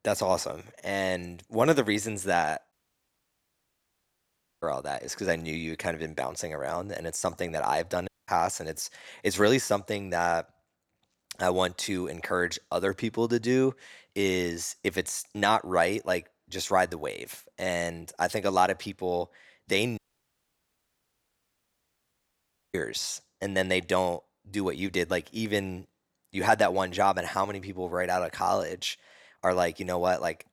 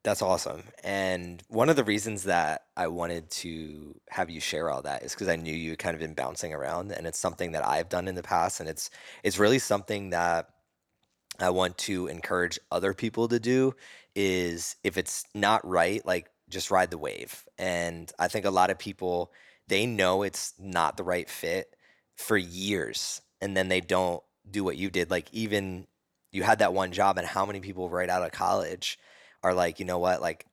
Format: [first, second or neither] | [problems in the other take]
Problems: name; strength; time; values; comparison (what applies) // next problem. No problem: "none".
second | audio cutting out; at 2.5 s for 2 s, at 8 s and at 20 s for 3 s